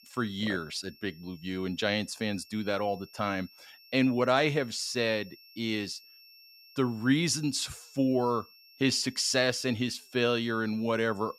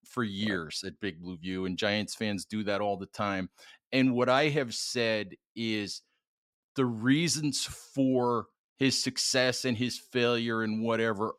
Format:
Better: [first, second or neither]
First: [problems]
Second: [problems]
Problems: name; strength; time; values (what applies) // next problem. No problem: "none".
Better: second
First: high-pitched whine; faint; throughout; 5.5 kHz, 25 dB below the speech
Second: none